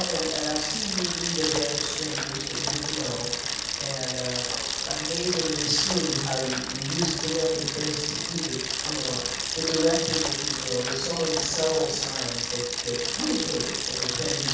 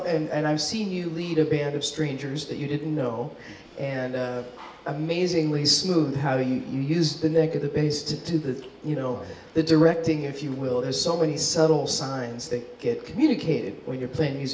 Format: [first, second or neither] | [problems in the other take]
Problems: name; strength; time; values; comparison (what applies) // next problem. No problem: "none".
second | background sound (Bicycle); 1 dB above the speech // room echo; dies away in 0.7 s